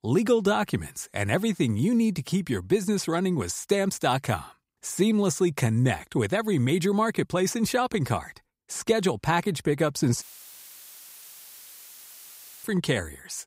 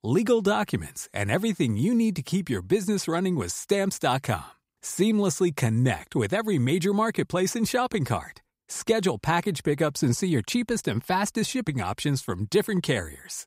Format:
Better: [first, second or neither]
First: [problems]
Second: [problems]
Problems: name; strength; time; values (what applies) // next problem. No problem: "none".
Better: second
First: audio cutting out; filled with static; at 10 s for 2.5 s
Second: none